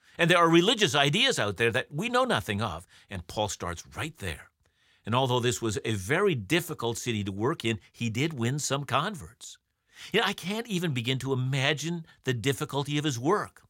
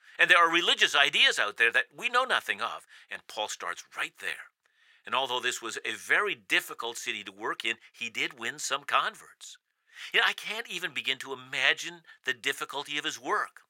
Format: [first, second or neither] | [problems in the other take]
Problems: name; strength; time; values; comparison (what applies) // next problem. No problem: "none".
first | thin; very; fading below 550 Hz